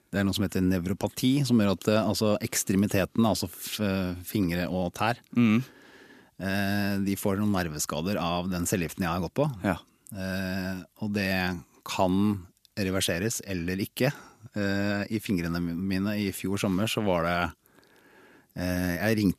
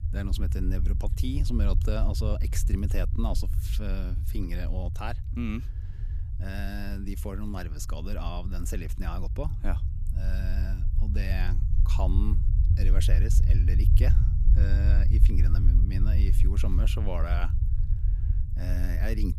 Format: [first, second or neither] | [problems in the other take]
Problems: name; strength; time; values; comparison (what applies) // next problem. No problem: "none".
first | low rumble; loud; throughout; 6 dB below the speech